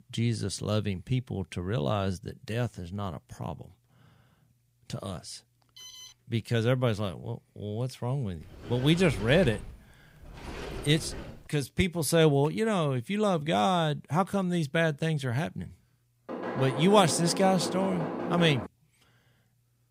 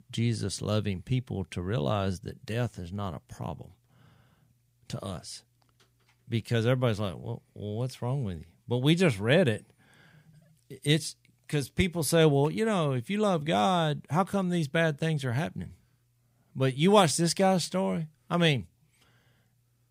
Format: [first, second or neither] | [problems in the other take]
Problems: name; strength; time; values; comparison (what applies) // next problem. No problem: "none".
second | alarm; faint; at 6 s; peak 15 dB below the speech // door banging; noticeable; from 8.5 to 11 s and from 16 to 19 s; peak 5 dB below the speech